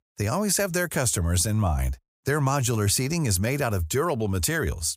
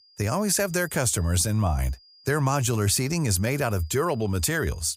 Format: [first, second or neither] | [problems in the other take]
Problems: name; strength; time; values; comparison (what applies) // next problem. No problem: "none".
first | high-pitched whine; faint; throughout; 5 kHz, 30 dB below the speech